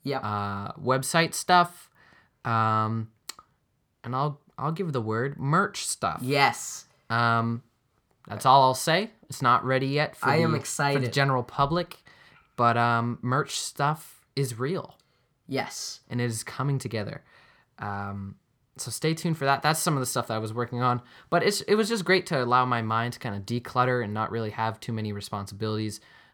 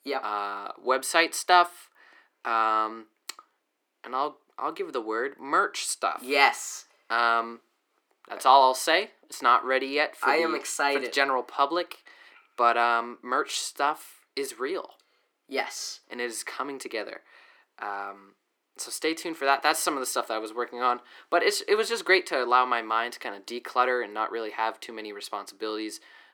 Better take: first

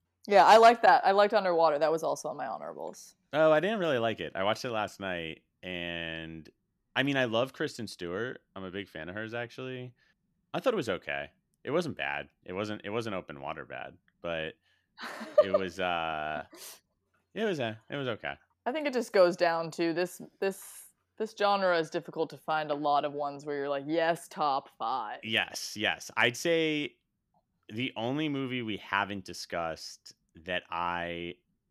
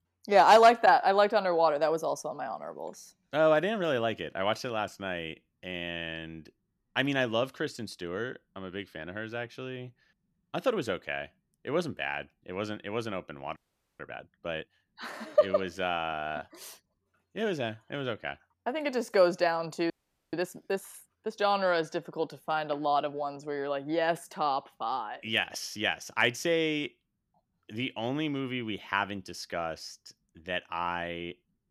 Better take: first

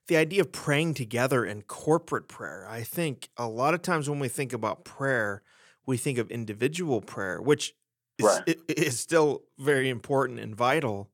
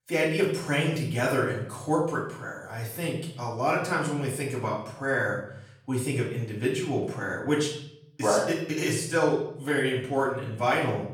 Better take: first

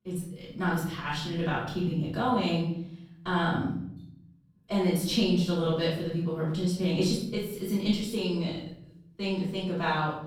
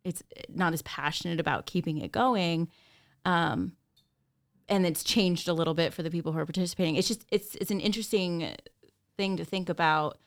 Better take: second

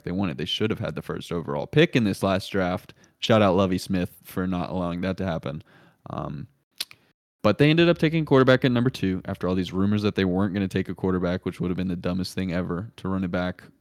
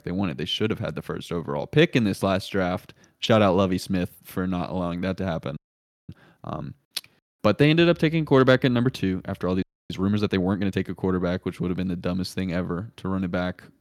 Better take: first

